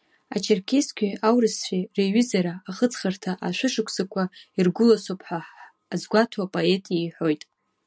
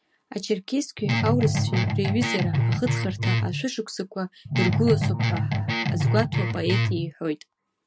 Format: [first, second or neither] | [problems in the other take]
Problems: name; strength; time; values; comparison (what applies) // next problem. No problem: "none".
first | background sound (Guitar); 5 dB above the speech